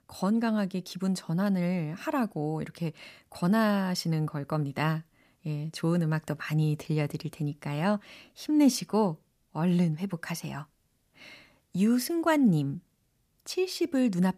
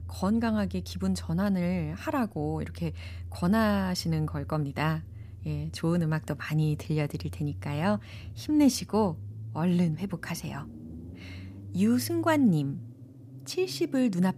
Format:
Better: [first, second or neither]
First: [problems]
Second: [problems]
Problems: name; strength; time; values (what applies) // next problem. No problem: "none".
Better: first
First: none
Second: low rumble; faint; throughout; 25 dB below the speech